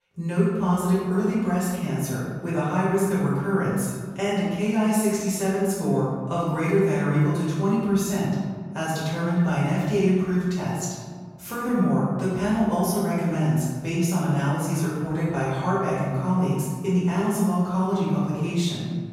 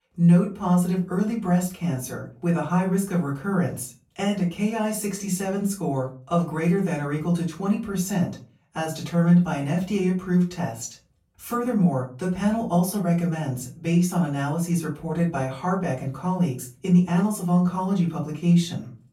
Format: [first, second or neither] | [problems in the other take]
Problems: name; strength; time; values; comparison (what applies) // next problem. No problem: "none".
second | room echo; strong; dies away in 1.5 s; slight in the second // off-mic speech; far; far in the second